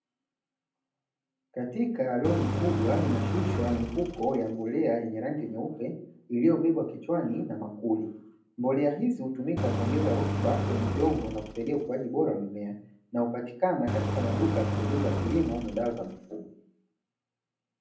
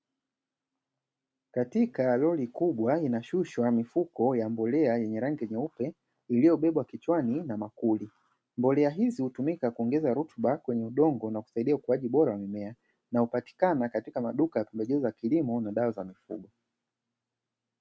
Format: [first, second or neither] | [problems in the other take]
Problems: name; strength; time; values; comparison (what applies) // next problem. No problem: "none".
second | background sound (Engine); 1 dB below the speech // room echo; dies away in 0.6 s